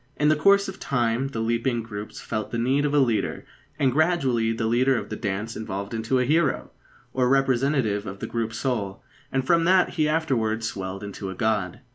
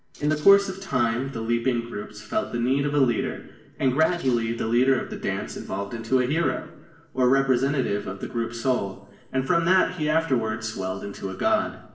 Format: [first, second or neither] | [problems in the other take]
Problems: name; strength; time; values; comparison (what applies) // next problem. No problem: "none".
first | noise reduction (neural separator model SepFormer DNS4)